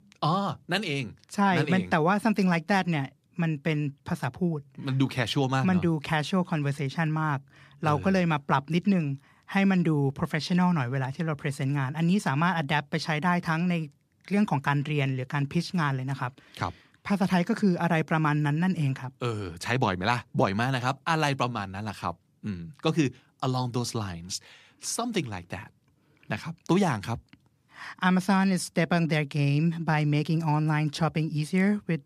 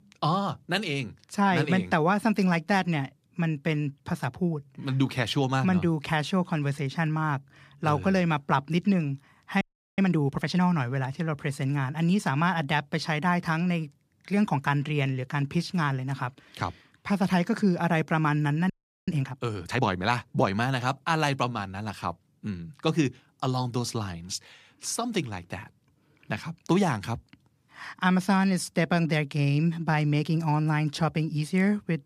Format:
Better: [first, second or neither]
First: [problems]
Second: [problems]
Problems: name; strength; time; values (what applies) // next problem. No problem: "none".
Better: first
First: none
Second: audio freezing; at 9.5 s and at 19 s